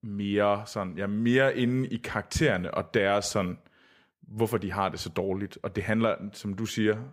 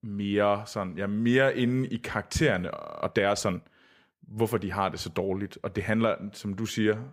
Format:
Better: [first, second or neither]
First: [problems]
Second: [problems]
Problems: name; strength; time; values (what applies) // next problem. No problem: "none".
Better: first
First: none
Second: audio freezing; at 3 s